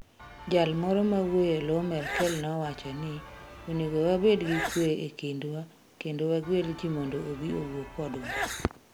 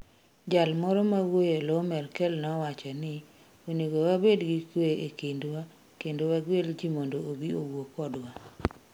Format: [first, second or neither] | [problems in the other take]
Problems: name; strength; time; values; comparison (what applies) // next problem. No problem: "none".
second | background sound (Sneeze / Church bell); 10 dB below the speech